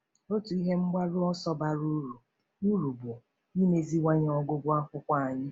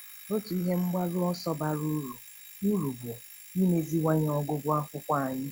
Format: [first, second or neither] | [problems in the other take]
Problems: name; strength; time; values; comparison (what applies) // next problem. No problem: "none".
first | background sound (Alarm); 18 dB below the speech